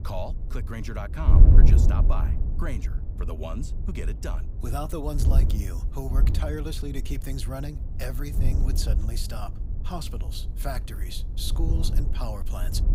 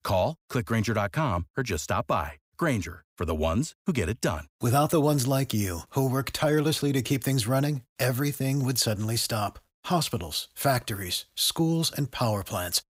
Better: second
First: wind noise on the microphone; heavy; 5 dB below the speech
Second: none

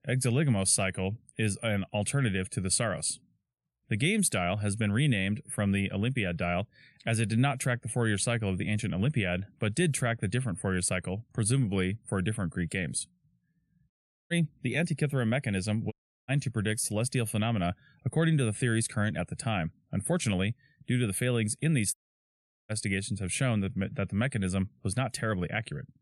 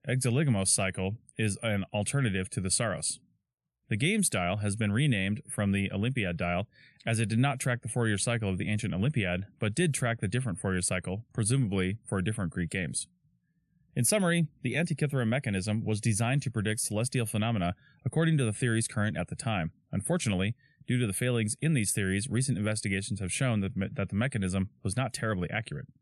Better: second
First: audio cutting out; at 14 s, at 16 s and at 22 s for 1 s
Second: none

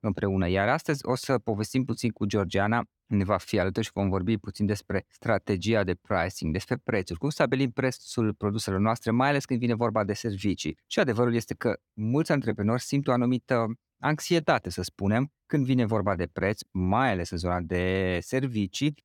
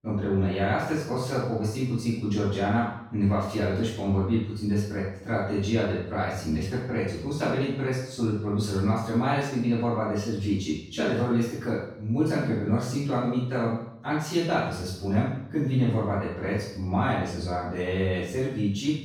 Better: first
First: none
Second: off-mic speech; far // room echo; strong; dies away in 0.7 s

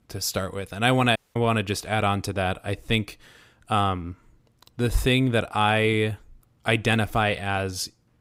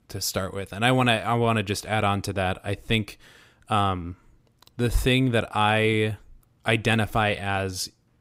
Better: second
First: audio cutting out; at 1 s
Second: none

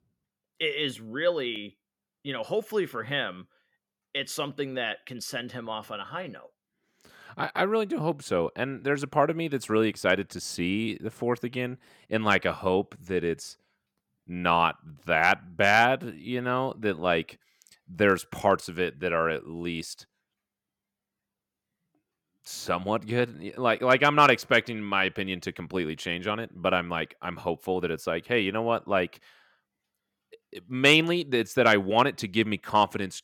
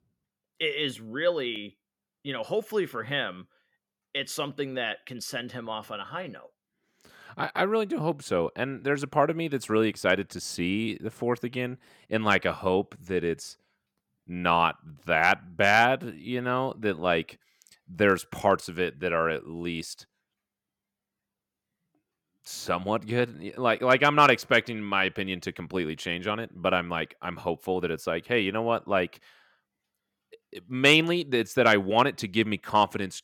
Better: neither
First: none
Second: none

